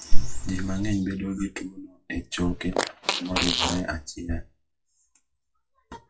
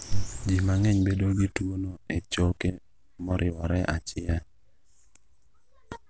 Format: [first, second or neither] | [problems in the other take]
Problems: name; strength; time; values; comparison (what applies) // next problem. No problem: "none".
second | noise reduction (classical method WPE with log-MMSE)